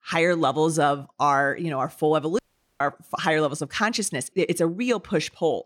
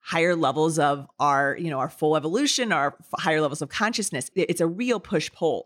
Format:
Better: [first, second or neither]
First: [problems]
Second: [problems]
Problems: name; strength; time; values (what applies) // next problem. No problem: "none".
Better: second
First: audio cutting out; at 2.5 s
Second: none